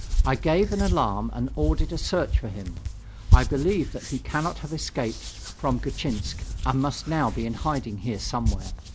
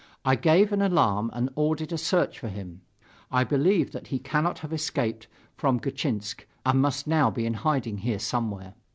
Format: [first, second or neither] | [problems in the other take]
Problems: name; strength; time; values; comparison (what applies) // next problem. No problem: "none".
second | background sound (Hands); as loud as the speech